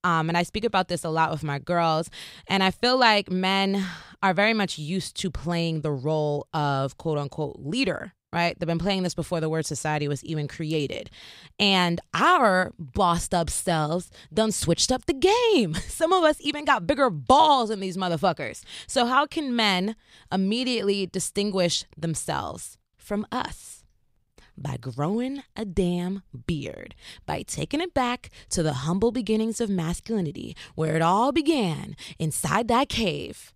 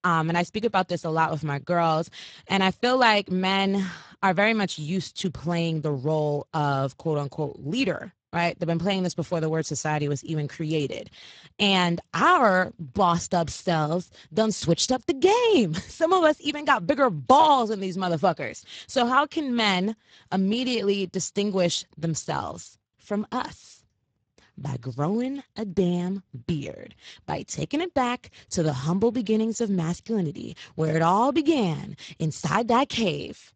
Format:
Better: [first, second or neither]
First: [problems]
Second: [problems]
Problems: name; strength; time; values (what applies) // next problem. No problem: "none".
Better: first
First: none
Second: garbled, watery; badly; nothing above 7.5 kHz